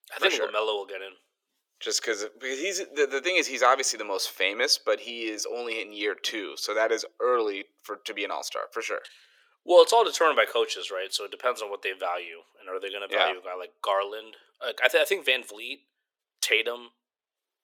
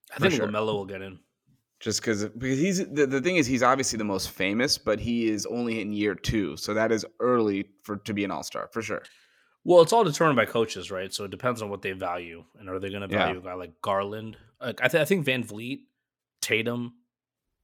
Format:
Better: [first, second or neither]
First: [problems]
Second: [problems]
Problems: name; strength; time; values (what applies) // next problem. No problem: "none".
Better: second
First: thin; very; fading below 400 Hz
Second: none